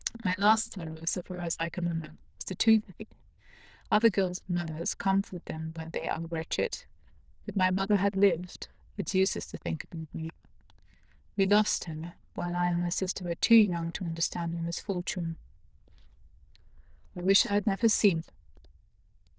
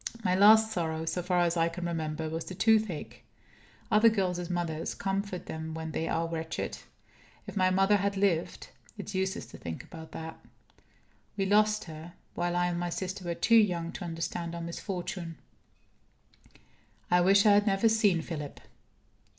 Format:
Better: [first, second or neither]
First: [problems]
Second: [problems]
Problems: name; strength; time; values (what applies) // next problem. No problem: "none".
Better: second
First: noise reduction (neural diffusion model UNIVERSE++)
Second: none